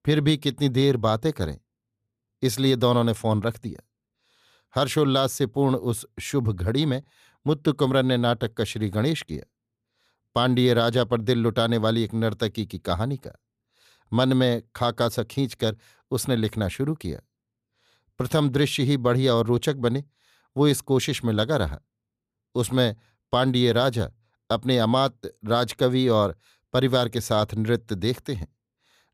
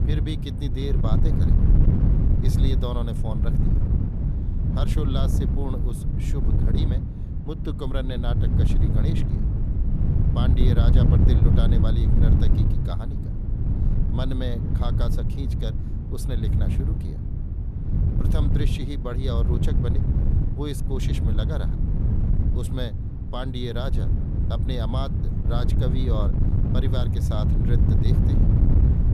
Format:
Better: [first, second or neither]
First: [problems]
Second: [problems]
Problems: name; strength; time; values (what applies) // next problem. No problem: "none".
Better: first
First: none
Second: wind noise on the microphone; heavy; as loud as the speech